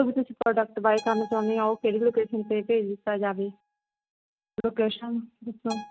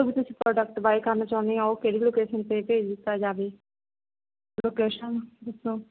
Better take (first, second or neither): second